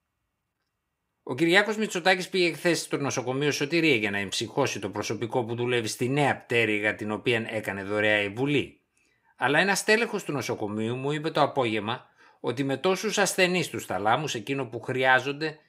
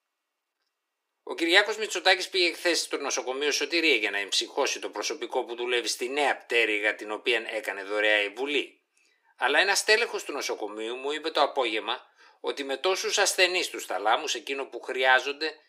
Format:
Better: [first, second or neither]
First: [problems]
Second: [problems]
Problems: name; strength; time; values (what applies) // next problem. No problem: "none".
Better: first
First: none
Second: thin; somewhat; fading below 350 Hz